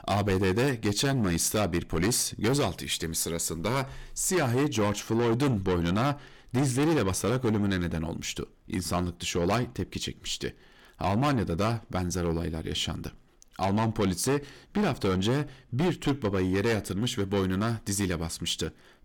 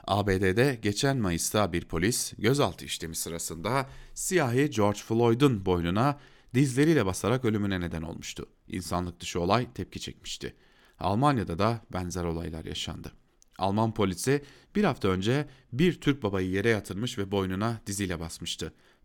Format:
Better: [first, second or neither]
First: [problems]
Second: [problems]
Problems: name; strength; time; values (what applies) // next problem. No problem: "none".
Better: second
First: distortion; heavy; 7 dB below the speech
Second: none